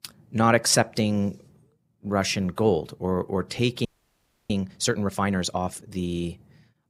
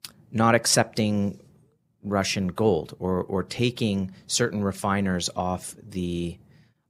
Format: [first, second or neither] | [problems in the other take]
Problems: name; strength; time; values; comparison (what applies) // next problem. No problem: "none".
second | audio freezing; at 4 s for 0.5 s